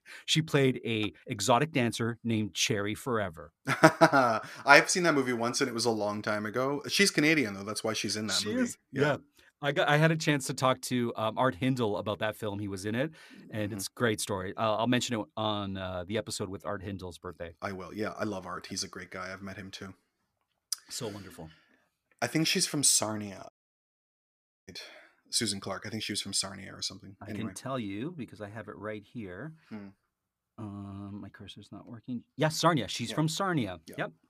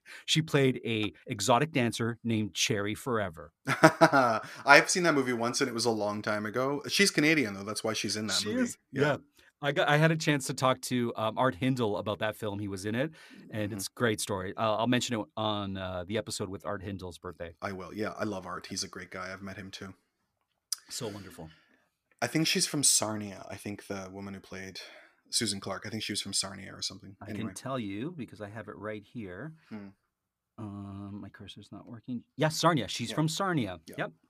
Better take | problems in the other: second | audio cutting out; at 24 s for 1 s

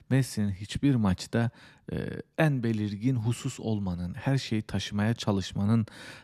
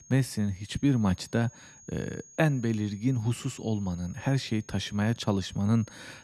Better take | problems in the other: first | high-pitched whine; faint; throughout; 6.5 kHz, 25 dB below the speech

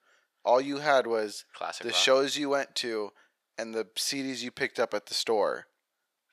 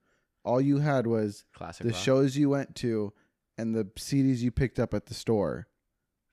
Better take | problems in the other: second | thin; very; fading below 700 Hz

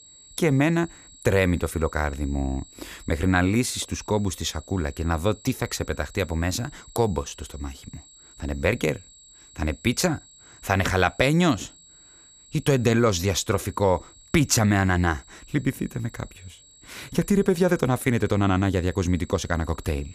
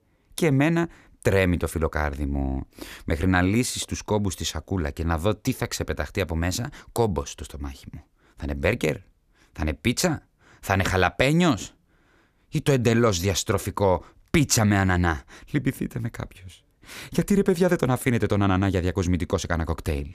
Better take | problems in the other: second | high-pitched whine; faint; throughout; 7.5 kHz, 25 dB below the speech

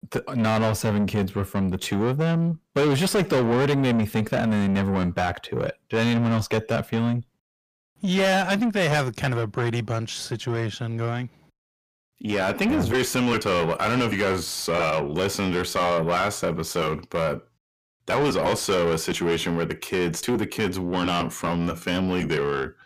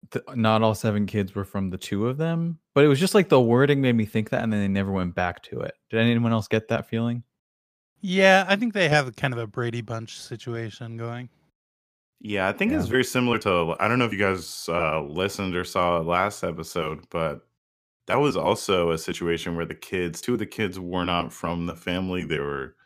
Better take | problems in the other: second | distortion; heavy; 6 dB below the speech

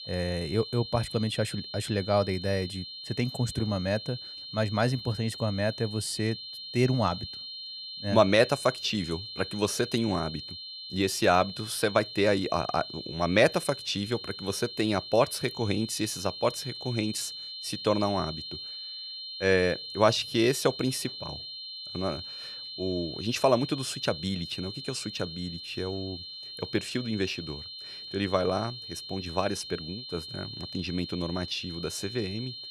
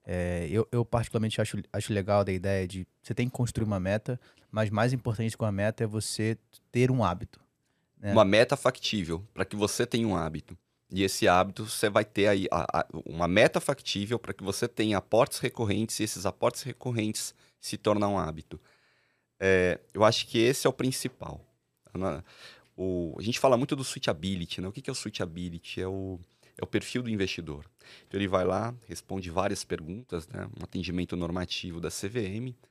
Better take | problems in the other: second | high-pitched whine; loud; throughout; 4 kHz, 9 dB below the speech

